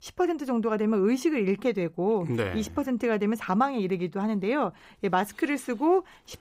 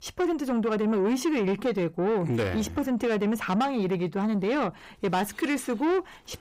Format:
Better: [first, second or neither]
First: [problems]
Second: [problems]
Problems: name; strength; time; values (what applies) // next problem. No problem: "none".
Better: first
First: none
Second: distortion; slight; 10 dB below the speech